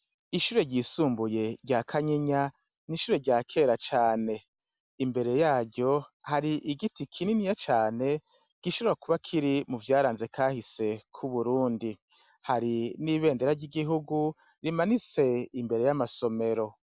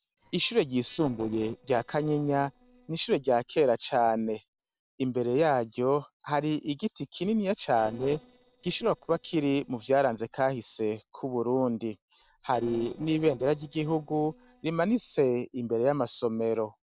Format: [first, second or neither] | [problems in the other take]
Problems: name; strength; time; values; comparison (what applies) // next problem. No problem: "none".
first | noise reduction (neural separator model SepFormer DNS4)